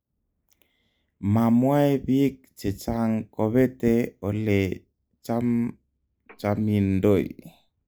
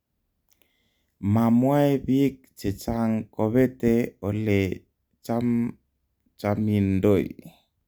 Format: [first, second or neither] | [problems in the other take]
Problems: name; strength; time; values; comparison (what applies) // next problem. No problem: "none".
second | noise reduction (neural mask model Resemble Enhance denoiser)